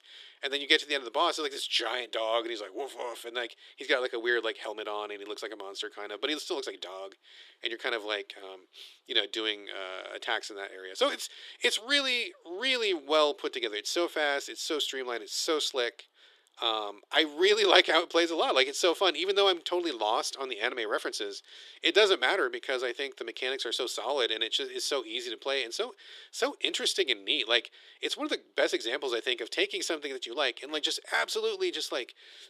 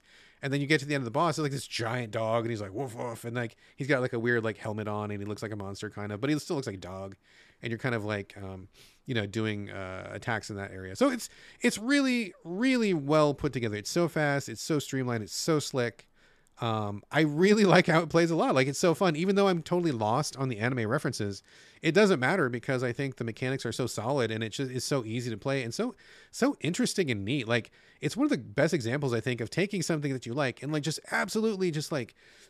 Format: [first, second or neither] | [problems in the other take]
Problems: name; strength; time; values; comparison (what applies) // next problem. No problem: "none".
second | thin; very; fading below 350 Hz